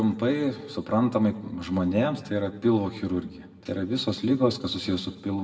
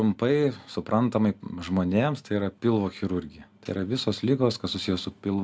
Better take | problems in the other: second | room echo; dies away in 1 s

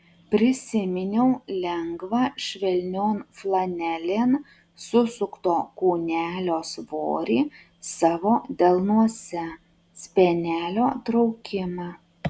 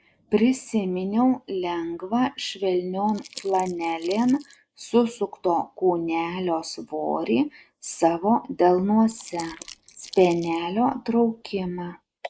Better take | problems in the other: first | noise reduction (neural mask model Resemble Enhance denoiser)

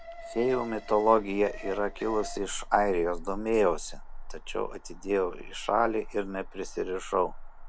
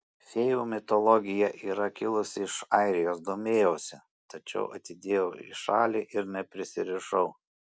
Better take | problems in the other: second | background sound (Alarm); 10 dB below the speech

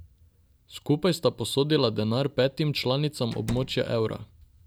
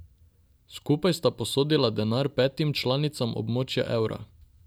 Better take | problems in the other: second | background sound (Slam); 14 dB below the speech

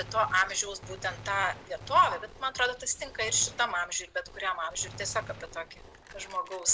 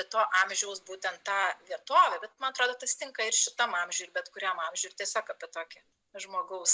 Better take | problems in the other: second | background sound (Gunshot, gunfire); 16 dB below the speech

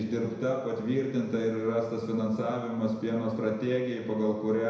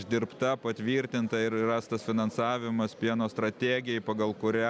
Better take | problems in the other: second | room echo; dies away in 1 s

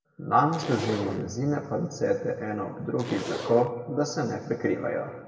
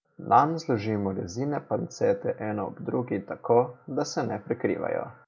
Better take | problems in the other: second | background sound (Zipper (clothing)); 12 dB below the speech // room echo; dies away in 1.5 s

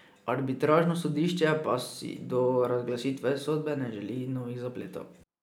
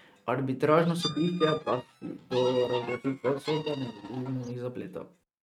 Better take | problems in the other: first | noise reduction (neural mask model RNNoise)

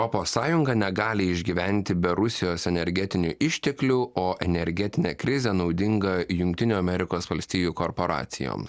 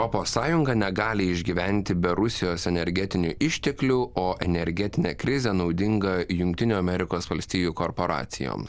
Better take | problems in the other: first | background sound (Thunder); 18 dB below the speech

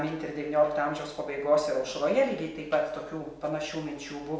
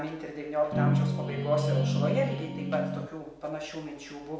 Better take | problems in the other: first | background sound (Guitar); 5 dB above the speech

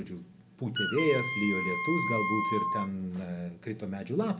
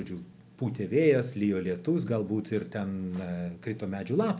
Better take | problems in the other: second | background sound (Wind instrument, woodwind instrument); as loud as the speech // room echo; dies away in 1.8 s

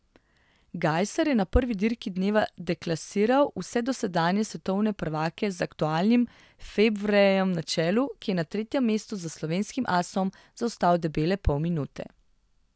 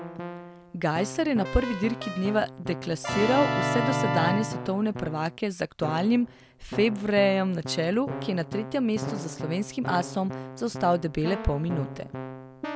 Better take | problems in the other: first | background sound (Keyboard (musical)); 6 dB below the speech

